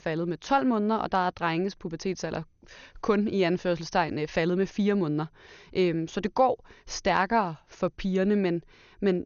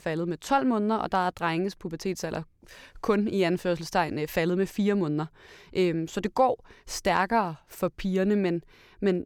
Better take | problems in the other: second | garbled, watery; slightly; nothing above 6.5 kHz

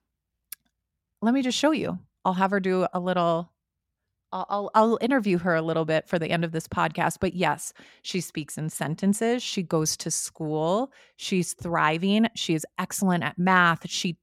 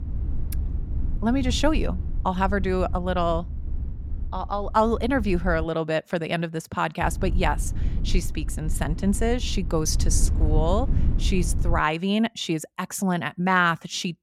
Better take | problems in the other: first | low rumble; noticeable; until 5.5 s and from 7 to 12 s; 20 dB below the speech

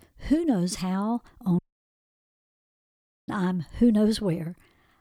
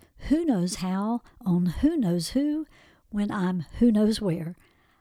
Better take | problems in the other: second | audio cutting out; at 1.5 s for 1.5 s

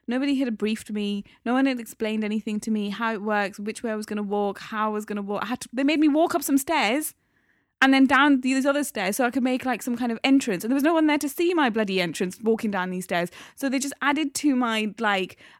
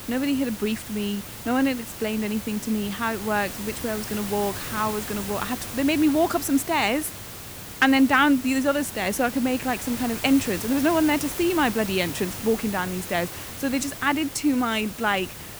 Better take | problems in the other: first | hiss; loud; throughout; 10 dB below the speech

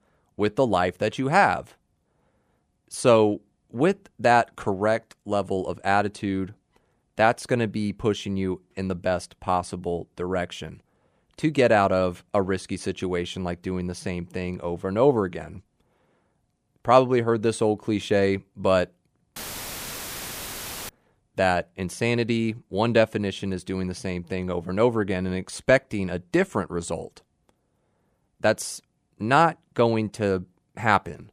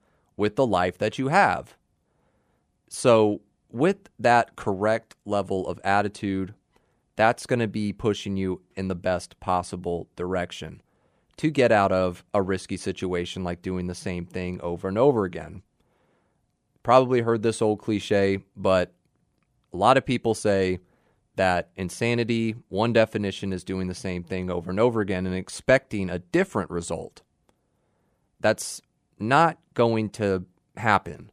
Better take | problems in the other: second | audio cutting out; filled with static; at 19 s for 1.5 s

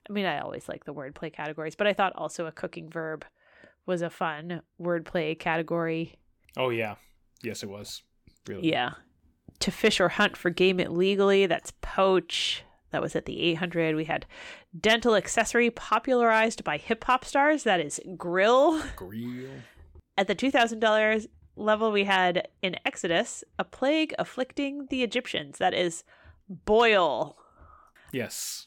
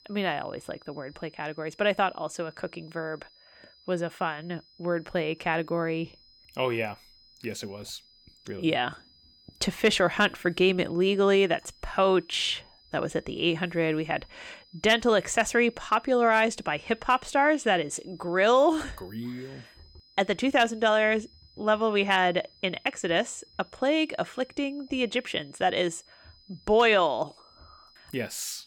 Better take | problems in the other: first | high-pitched whine; faint; throughout; 5 kHz, 30 dB below the speech

